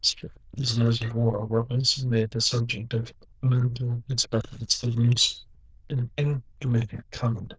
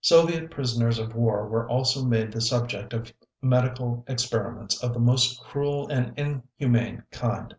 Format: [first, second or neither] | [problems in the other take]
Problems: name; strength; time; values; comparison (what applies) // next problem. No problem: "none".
second | noise reduction (neural diffusion model UNIVERSE++)